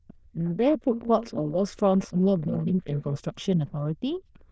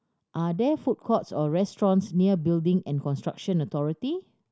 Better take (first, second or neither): second